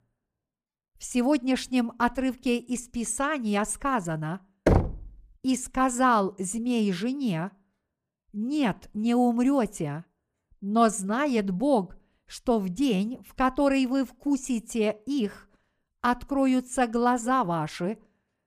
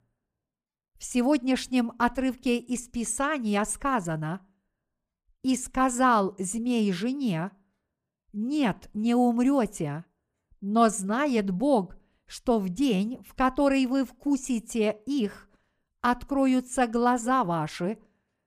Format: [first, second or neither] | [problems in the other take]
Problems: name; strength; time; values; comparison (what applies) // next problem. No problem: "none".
second | door banging; loud; at 4.5 s; peak 3 dB above the speech